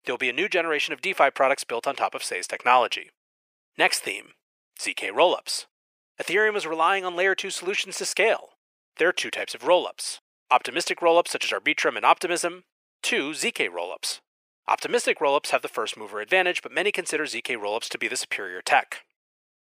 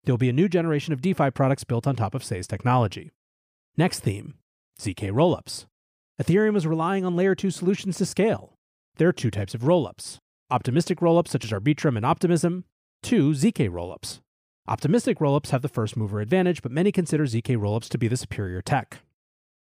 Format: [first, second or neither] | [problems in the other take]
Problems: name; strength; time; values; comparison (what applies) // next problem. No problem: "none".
second | thin; very; fading below 550 Hz